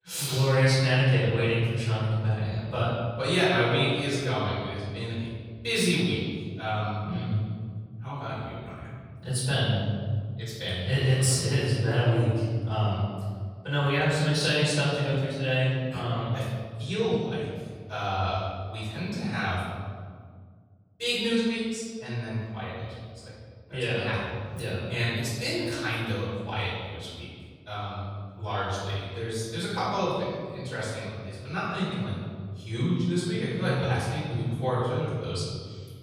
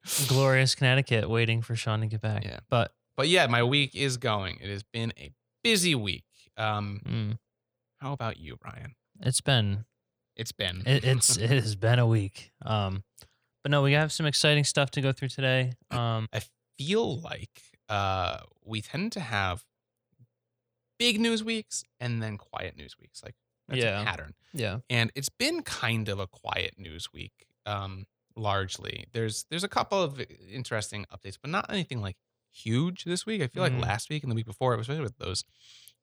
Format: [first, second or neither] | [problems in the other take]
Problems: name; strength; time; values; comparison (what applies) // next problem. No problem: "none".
second | off-mic speech; far // room echo; strong; dies away in 1.9 s